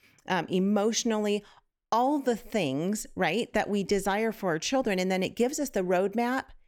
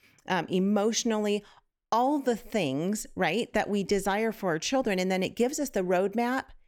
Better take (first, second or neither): neither